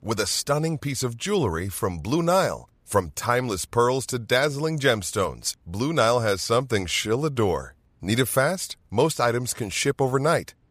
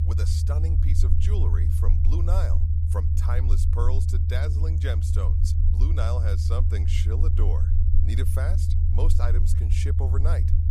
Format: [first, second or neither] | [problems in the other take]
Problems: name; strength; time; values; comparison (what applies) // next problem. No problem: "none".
first | low rumble; loud; throughout; 2 dB below the speech